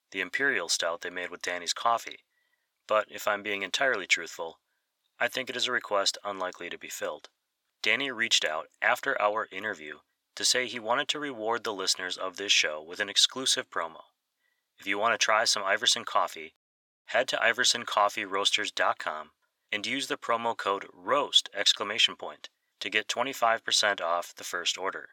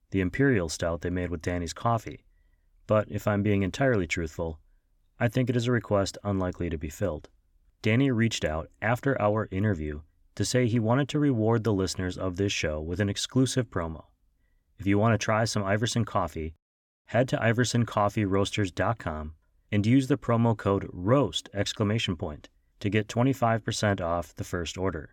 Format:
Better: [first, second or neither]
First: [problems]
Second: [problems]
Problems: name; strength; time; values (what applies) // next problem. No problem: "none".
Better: second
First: thin; very; fading below 800 Hz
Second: none